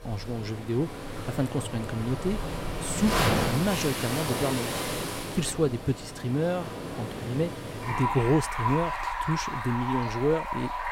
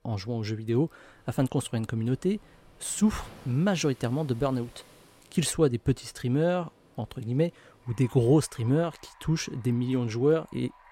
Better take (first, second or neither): second